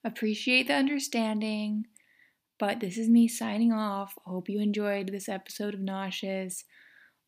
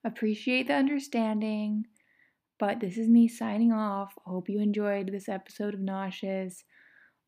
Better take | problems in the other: first | muffled; slightly; fading above 2.5 kHz

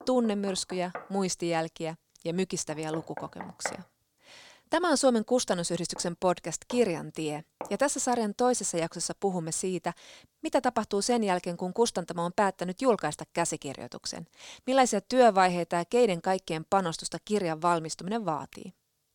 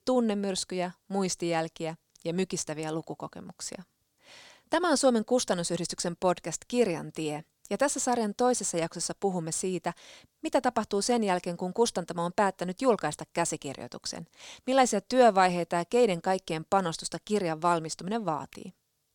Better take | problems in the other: second | door banging; noticeable; until 7.5 s; peak 9 dB below the speech

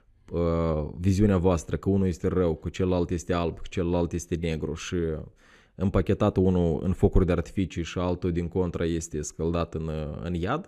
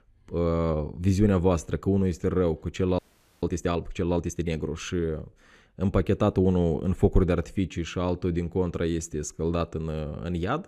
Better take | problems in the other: first | audio freezing; at 3 s

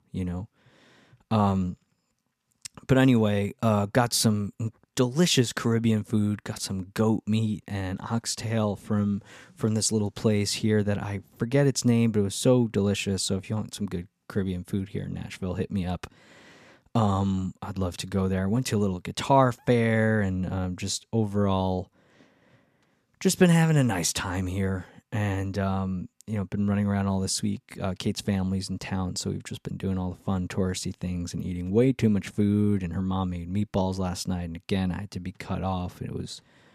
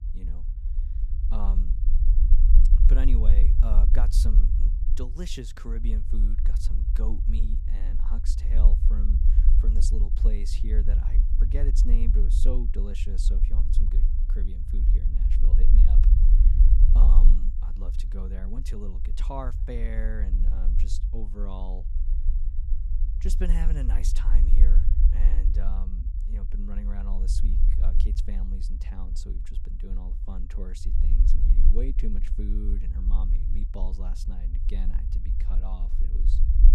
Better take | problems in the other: first | low rumble; loud; throughout; 4 dB below the speech

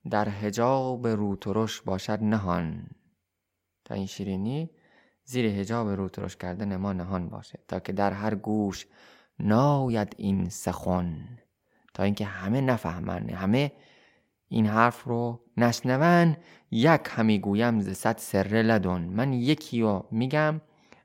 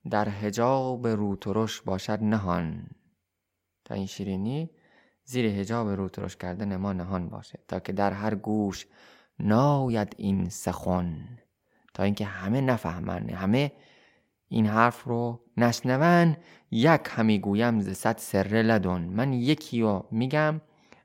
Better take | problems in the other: neither | none

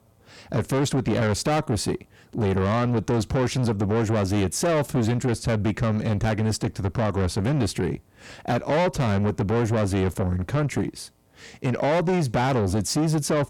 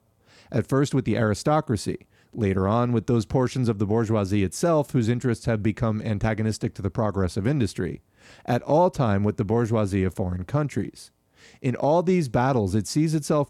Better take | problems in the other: second | distortion; heavy; 8 dB below the speech

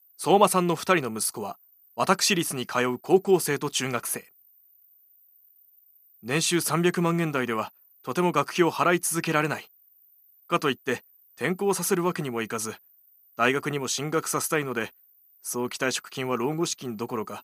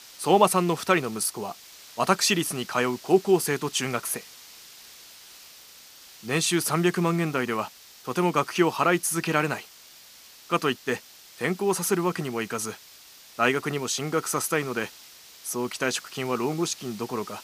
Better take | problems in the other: first | hiss; faint; throughout; 20 dB below the speech

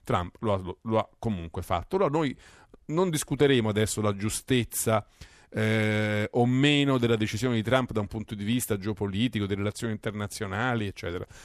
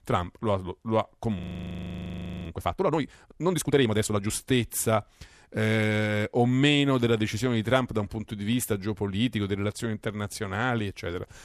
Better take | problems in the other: first | audio freezing; at 1.5 s for 1 s

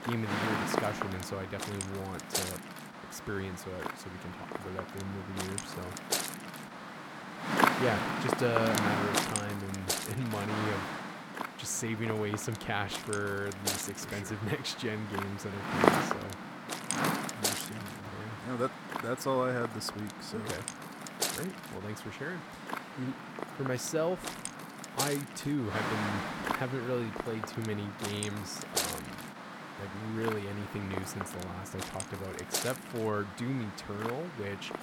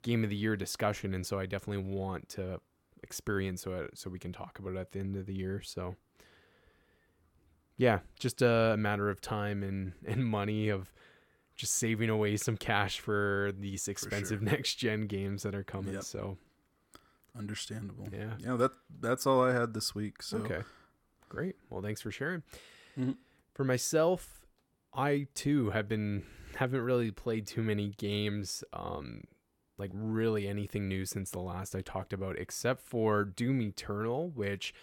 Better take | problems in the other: second | wind noise on the microphone; heavy; 2 dB above the speech

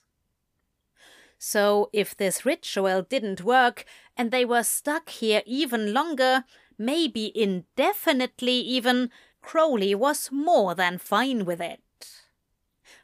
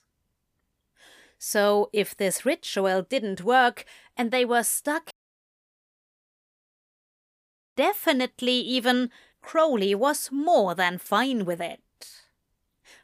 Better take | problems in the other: first | audio cutting out; at 5 s for 2.5 s

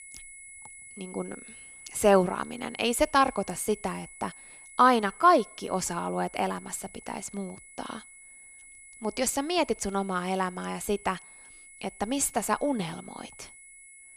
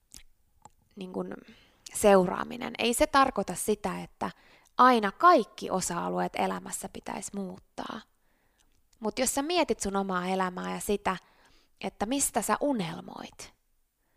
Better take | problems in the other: second | high-pitched whine; noticeable; throughout; 2 kHz, 20 dB below the speech

